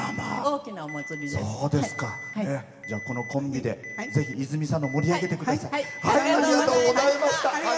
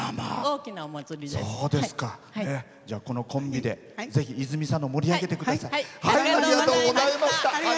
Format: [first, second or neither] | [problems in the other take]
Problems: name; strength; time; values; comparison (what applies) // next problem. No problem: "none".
second | background sound (Alarm); 15 dB below the speech // room echo; dies away in 2.4 s